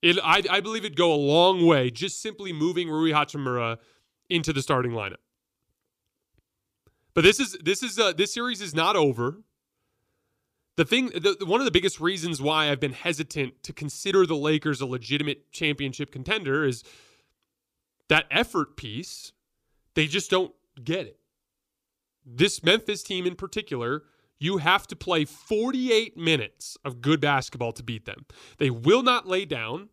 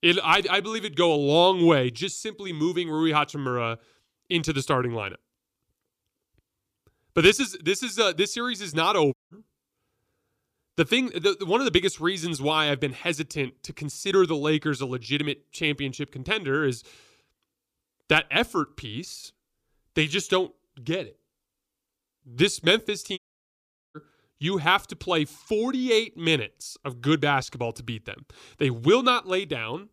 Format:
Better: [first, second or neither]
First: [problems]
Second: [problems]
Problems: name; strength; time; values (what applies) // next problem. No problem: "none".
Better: first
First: none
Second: audio cutting out; at 9 s and at 23 s for 1 s